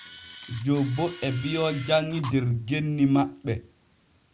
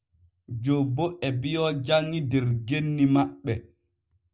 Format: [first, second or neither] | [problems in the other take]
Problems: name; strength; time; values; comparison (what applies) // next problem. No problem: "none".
second | background sound (Camera); 19 dB below the speech